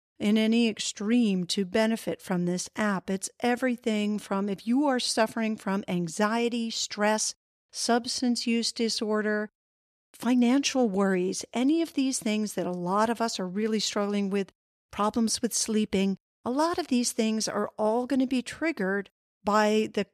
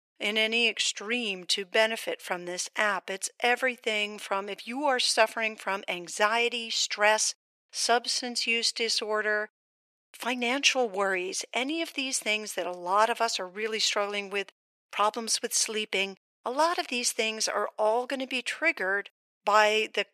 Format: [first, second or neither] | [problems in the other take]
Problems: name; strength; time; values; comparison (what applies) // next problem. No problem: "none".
first | thin; very; fading below 600 Hz